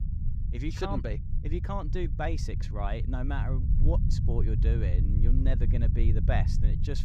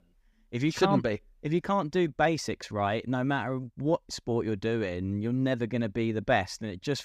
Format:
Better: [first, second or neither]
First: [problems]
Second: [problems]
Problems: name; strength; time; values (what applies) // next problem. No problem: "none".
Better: second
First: low rumble; loud; throughout; 7 dB below the speech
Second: none